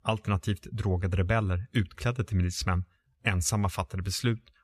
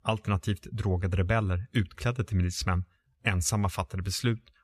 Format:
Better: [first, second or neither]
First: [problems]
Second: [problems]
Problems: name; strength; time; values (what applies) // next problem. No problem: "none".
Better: neither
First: none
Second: none